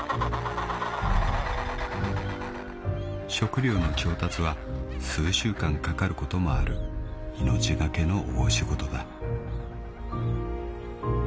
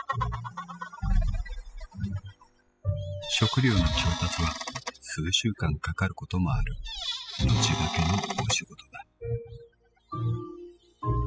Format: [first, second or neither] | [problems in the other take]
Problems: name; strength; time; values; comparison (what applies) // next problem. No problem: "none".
first | noise reduction (classical method spectral subtraction)